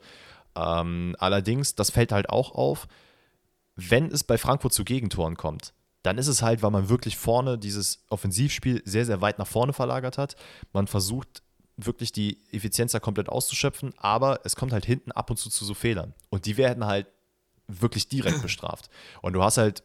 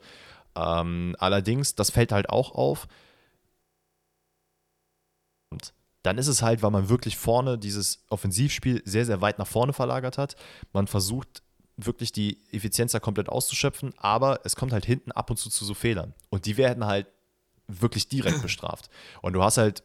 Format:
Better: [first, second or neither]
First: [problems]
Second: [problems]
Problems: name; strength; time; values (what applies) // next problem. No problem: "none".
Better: first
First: none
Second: audio freezing; at 3.5 s for 2 s